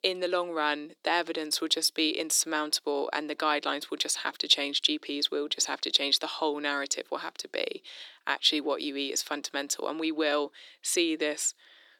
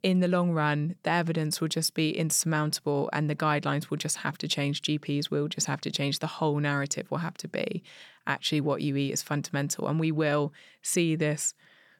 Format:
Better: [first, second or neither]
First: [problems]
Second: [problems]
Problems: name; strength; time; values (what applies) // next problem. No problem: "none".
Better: second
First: thin; somewhat; fading below 300 Hz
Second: none